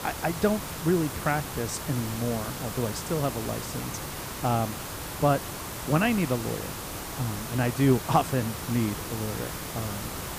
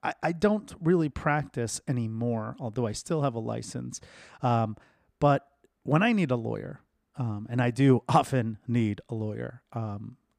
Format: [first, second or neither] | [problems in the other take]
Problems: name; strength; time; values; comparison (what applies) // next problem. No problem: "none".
second | hiss; loud; throughout; 6 dB below the speech